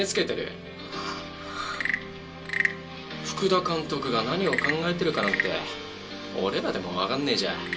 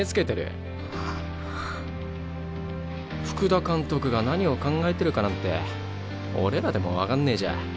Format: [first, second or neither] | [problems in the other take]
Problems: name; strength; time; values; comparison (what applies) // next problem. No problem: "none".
second | background sound (Wood / Percussion / Frog); 7 dB below the speech // room echo; dies away in 0.2 s